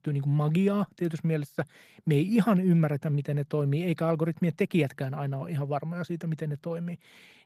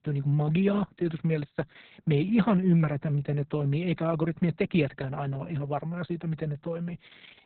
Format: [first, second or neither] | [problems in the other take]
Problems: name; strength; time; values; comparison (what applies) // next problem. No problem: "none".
first | garbled, watery; badly; nothing above 4 kHz; slightly in the first